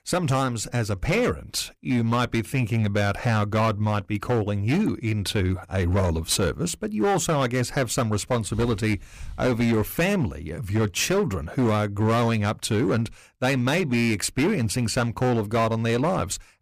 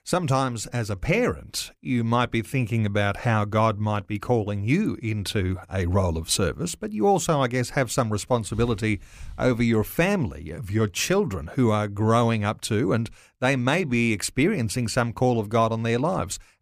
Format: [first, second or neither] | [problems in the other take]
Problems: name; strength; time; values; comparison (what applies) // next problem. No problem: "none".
second | distortion; slight; 11% of the sound clipped